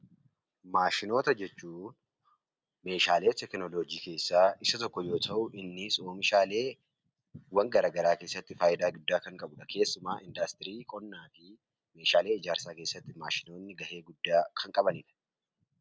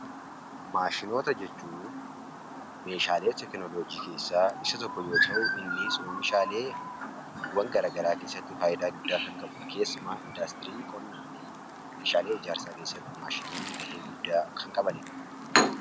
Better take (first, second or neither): first